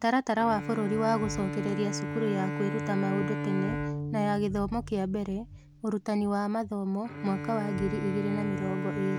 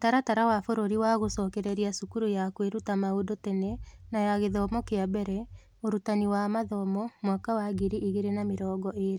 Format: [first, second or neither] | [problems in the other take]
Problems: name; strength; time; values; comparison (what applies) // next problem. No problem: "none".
second | background sound (Bowed string instrument); 5 dB below the speech